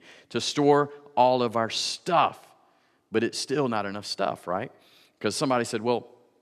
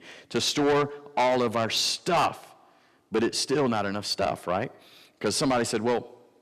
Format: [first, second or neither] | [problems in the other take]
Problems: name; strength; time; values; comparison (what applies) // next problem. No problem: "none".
first | distortion; heavy; 7 dB below the speech